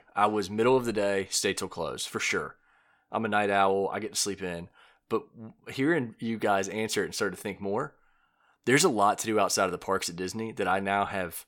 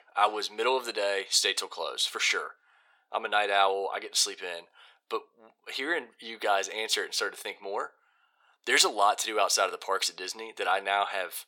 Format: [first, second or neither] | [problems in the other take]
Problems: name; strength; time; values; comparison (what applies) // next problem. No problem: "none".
first | thin; very; fading below 500 Hz